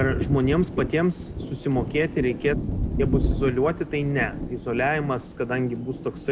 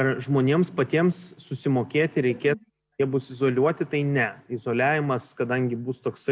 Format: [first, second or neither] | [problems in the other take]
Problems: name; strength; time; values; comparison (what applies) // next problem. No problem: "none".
second | background sound (Thunder); 4 dB below the speech